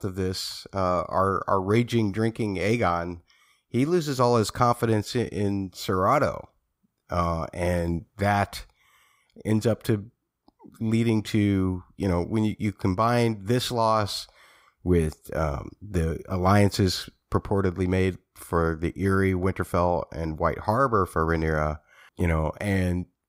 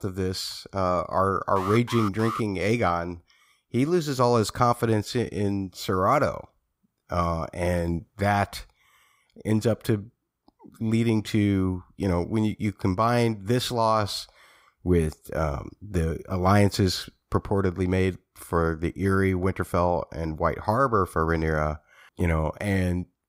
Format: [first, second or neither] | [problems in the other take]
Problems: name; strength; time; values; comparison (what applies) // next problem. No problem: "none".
first | alarm; noticeable; at 1.5 s; peak 7 dB below the speech